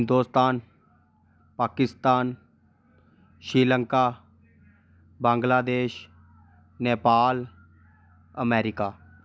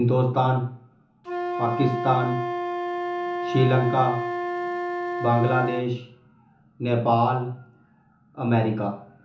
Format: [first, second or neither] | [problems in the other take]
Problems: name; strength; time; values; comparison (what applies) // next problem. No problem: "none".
first | background sound (Wind instrument, woodwind instrument); 6 dB below the speech // room echo; dies away in 1.2 s